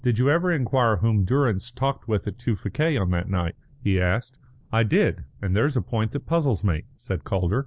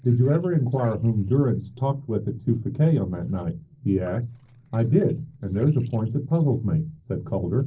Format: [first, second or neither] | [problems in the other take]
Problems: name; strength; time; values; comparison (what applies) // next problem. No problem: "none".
first | noise reduction (neural separator model SepFormer DNS4)